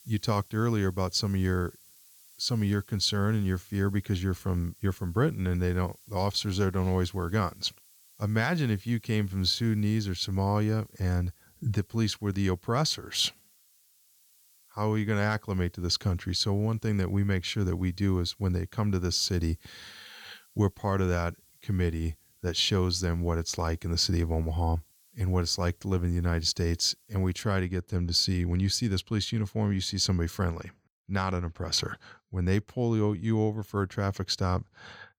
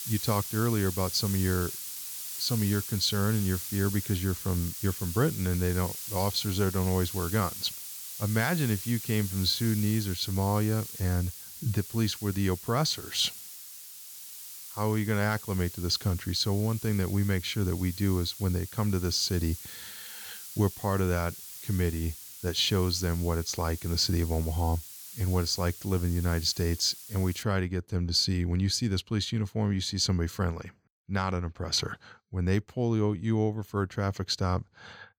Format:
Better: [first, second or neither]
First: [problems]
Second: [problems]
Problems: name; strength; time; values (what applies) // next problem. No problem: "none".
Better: first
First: hiss; faint; until 27 s; 25 dB below the speech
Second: hiss; loud; until 27 s; 9 dB below the speech